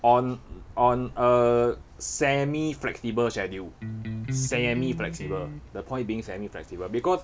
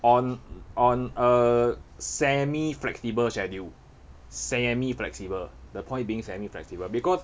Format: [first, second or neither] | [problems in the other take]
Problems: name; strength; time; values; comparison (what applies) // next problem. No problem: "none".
second | background sound (Electric guitar); 7 dB below the speech